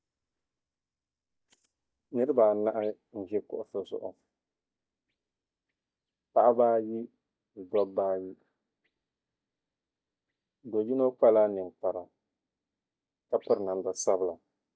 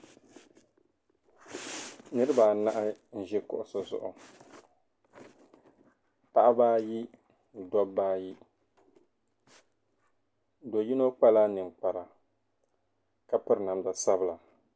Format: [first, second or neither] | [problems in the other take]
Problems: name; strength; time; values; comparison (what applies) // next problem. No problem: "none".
second | noise reduction (neural mask model DeepFilterNet 3)